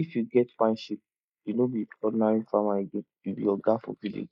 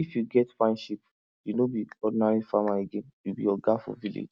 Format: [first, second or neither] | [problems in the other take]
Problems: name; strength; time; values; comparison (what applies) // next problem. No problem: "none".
second | noise reduction (neural mask model Resemble Enhance denoiser)